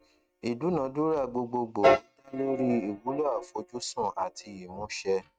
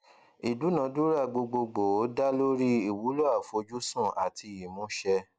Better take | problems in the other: second | noise reduction (neural mask model RNNoise)

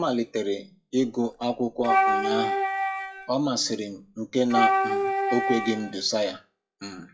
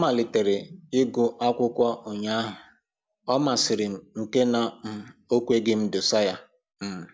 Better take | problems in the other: second | noise reduction (classical method WPE with log-MMSE)

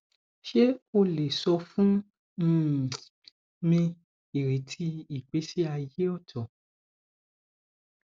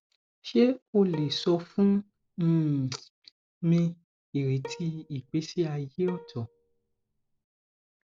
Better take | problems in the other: first | background sound (Bowed string instrument); 18 dB below the speech

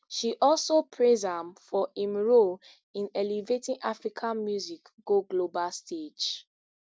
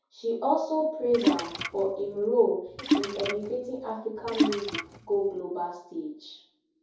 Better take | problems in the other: first | background sound (Splash, splatter); 1 dB below the speech // room echo; dies away in 0.6 s

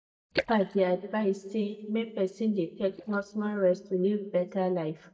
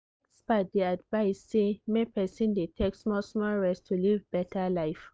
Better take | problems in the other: second | noise reduction (neural mask model DeepFilterNet 3)

